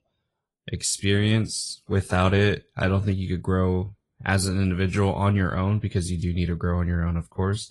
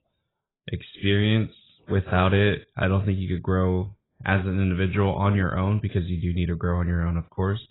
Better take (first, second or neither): first